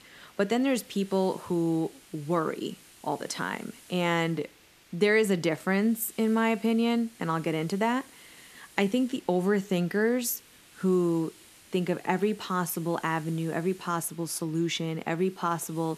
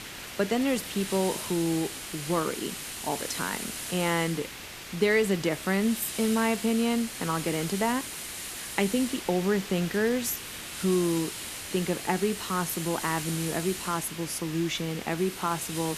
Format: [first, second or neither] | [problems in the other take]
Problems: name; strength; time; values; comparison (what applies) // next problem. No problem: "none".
first | hiss; loud; throughout; 7 dB below the speech; faint in the first